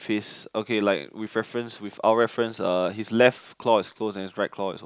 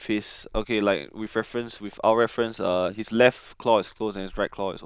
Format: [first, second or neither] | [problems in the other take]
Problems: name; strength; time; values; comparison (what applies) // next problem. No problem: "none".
first | noise reduction (neural diffusion model UNIVERSE++)